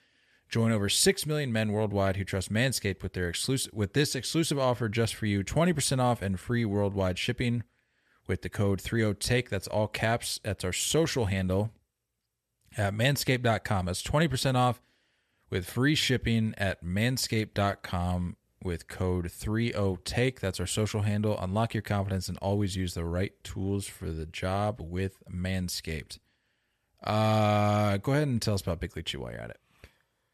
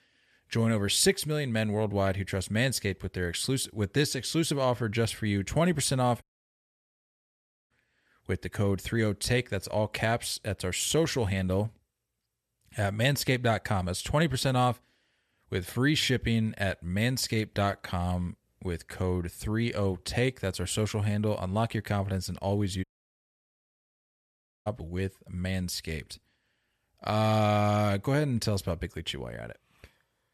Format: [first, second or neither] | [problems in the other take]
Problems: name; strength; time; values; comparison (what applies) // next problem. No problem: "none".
first | audio cutting out; at 6 s for 1.5 s and at 23 s for 2 s